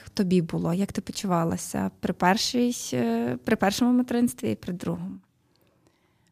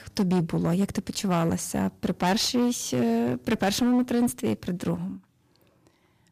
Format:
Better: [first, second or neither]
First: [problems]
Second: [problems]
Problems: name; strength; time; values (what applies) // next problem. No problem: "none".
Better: first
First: none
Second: distortion; slight; 9% of the sound clipped